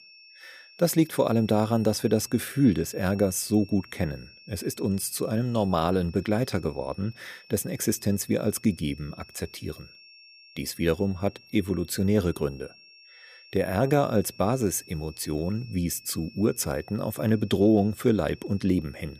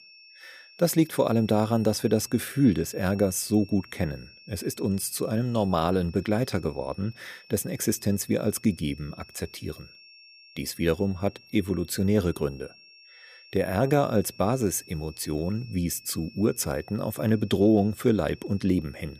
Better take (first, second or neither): neither